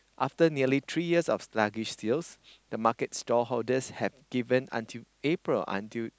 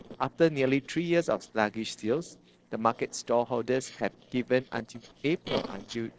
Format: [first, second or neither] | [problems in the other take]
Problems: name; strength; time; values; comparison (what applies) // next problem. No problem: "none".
first | noise reduction (neural separator model SepFormer DNS4)